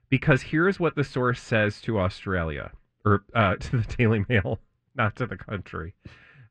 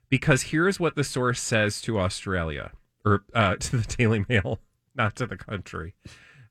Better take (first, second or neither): second